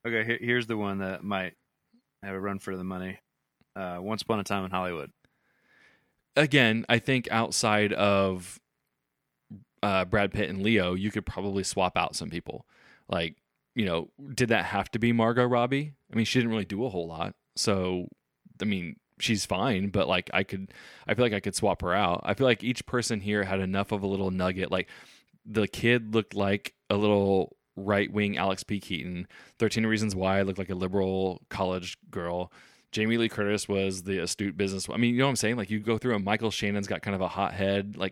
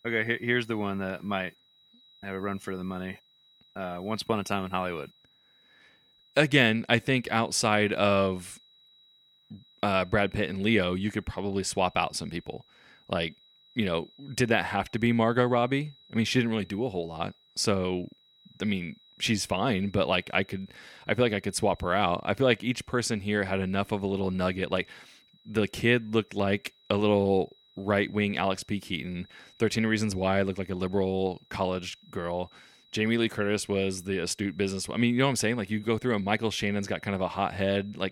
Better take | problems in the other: first | high-pitched whine; faint; throughout; 4 kHz, 30 dB below the speech

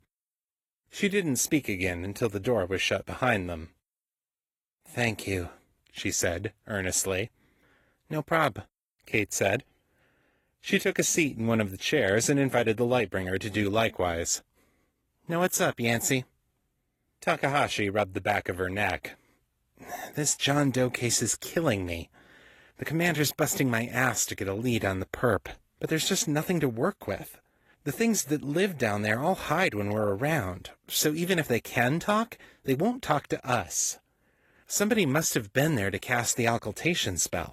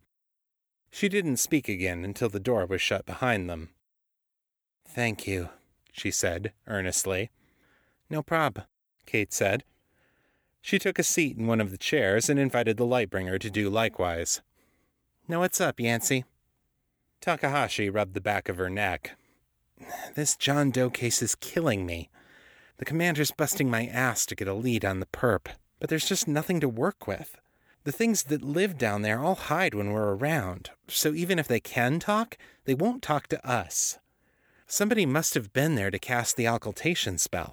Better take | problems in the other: second | garbled, watery; slightly

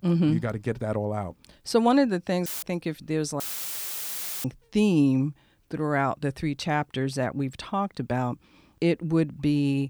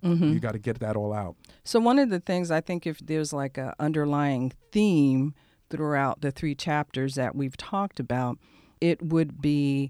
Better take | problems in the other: second | audio cutting out; filled with static; at 2.5 s and at 3.5 s for 1 s

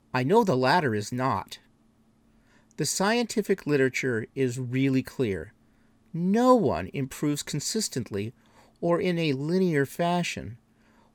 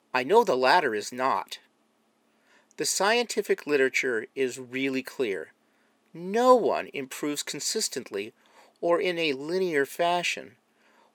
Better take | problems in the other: first | thin; somewhat; fading below 450 Hz

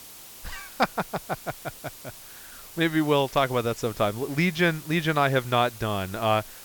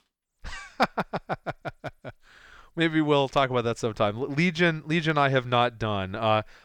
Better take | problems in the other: second | hiss; noticeable; throughout; 15 dB below the speech

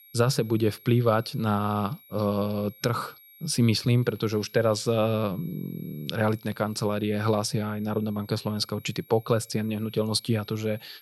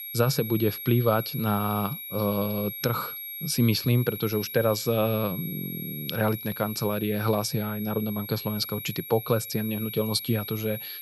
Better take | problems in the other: first | high-pitched whine; loud; throughout; 11.5 kHz, 8 dB below the speech; faint in the first

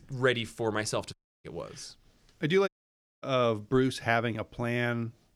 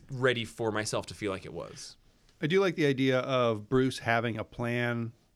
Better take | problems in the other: second | audio cutting out; at 1 s and at 2.5 s for 0.5 s

